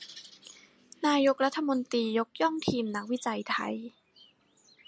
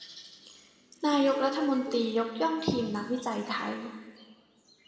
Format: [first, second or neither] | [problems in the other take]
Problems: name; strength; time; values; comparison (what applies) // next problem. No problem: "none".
first | background sound (Ringtone); 12 dB below the speech // room echo; dies away in 1.6 s